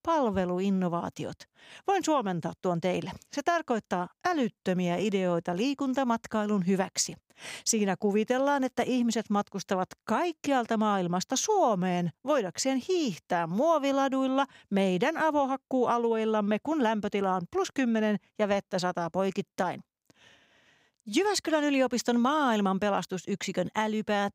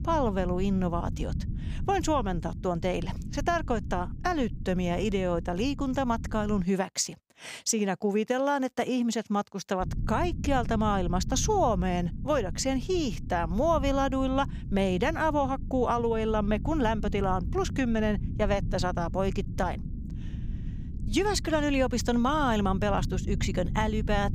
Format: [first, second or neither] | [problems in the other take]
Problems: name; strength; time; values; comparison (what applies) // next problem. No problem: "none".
first | low rumble; noticeable; until 6.5 s and from 10 s on; 20 dB below the speech